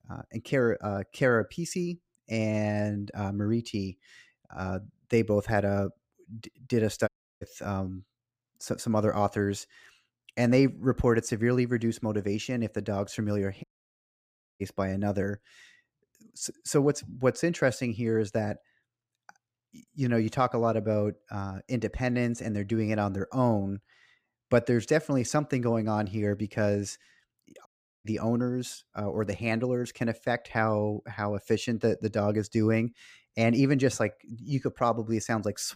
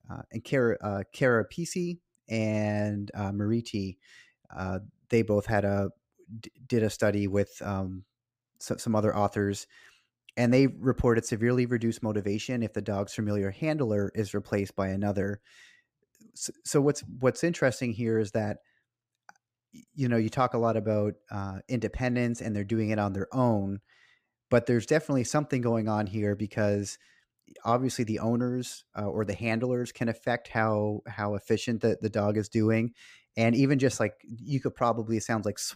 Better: second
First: audio cutting out; at 7 s, at 14 s for 1 s and at 28 s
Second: none

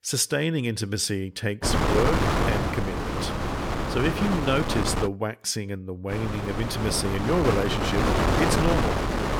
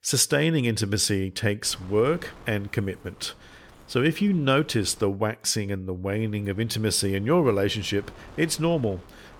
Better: second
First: wind noise on the microphone; heavy; from 1.5 to 5 s and from 6 s on; 2 dB above the speech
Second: wind noise on the microphone; occasional gusts; from 1.5 to 5 s and from 6 s on; 25 dB below the speech

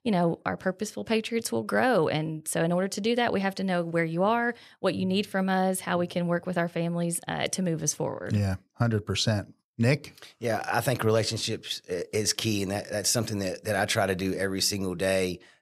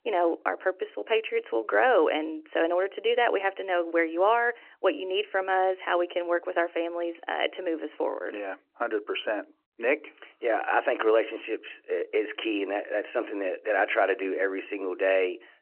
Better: first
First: none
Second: phone-call audio; nothing above 3 kHz

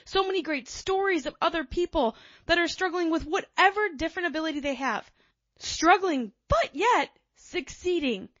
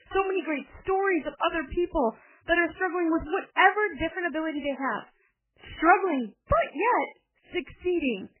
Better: first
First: garbled, watery; slightly; nothing above 7 kHz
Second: garbled, watery; badly; nothing above 3 kHz

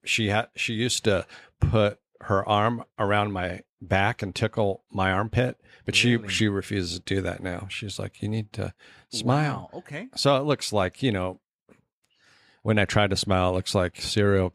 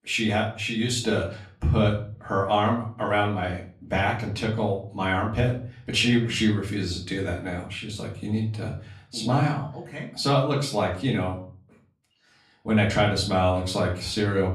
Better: first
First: none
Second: room echo; slight; dies away in 0.4 s // off-mic speech; far

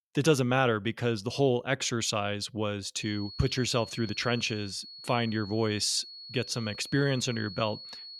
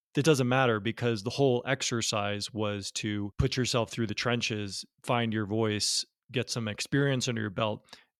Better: second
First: high-pitched whine; noticeable; from 3 s on; 4.5 kHz, 15 dB below the speech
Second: none

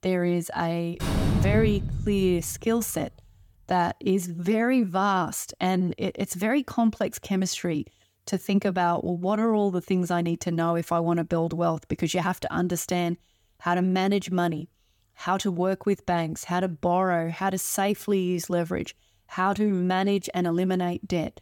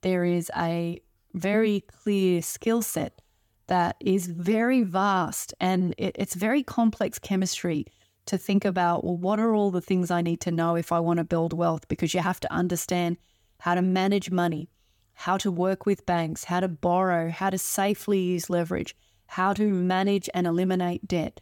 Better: second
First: door banging; loud; from 1 to 2.5 s; peak 2 dB above the speech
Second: none

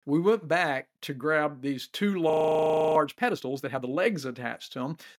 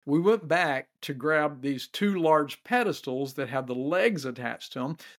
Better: second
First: audio freezing; at 2.5 s for 0.5 s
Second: none

